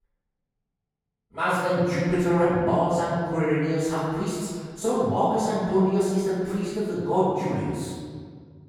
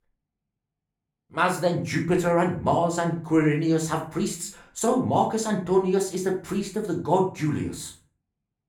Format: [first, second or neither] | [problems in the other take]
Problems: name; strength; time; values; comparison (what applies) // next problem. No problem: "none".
second | room echo; strong; dies away in 1.8 s; slight in the second // off-mic speech; far; somewhat distant in the second